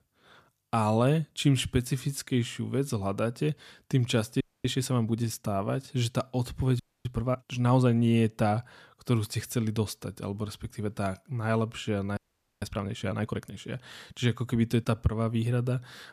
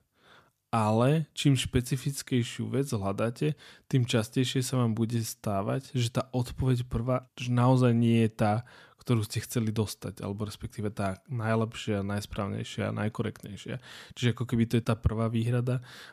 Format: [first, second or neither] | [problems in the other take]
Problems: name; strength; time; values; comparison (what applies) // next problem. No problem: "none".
second | audio freezing; at 4.5 s, at 7 s and at 12 s